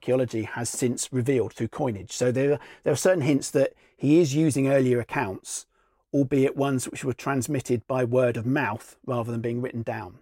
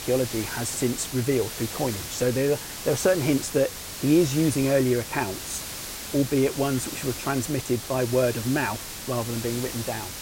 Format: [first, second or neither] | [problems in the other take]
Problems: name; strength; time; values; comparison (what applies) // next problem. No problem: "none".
first | hiss; loud; throughout; 7 dB below the speech